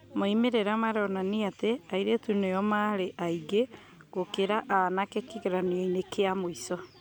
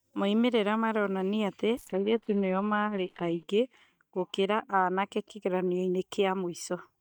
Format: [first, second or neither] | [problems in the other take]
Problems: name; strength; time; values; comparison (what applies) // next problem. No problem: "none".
first | noise reduction (neural mask model DeepFilterNet 3)